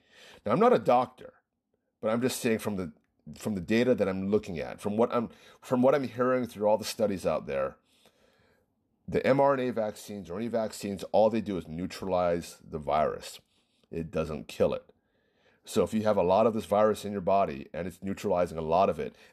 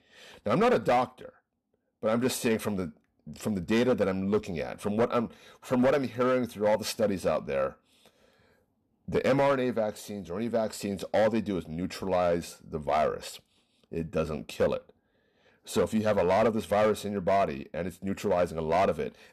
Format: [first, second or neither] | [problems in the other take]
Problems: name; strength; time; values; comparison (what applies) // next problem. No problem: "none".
first | distortion; slight; 5% of the sound clipped